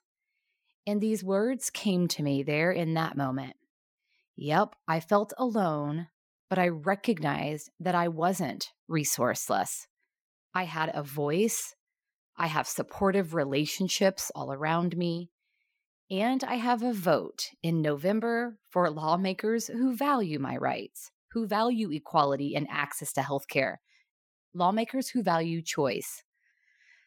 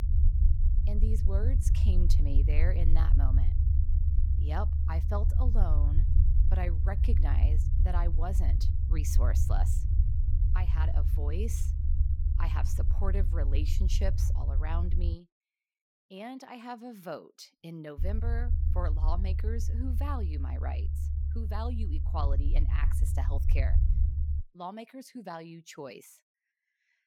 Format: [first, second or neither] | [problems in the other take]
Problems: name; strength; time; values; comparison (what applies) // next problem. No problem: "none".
first | low rumble; loud; until 15 s and from 18 to 24 s; 6 dB below the speech